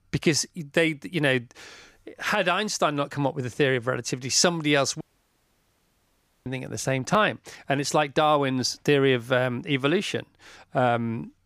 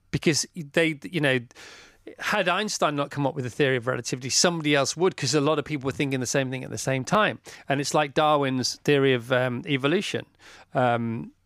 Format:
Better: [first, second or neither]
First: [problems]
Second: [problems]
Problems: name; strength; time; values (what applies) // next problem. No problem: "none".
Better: second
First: audio cutting out; at 5 s for 1.5 s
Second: none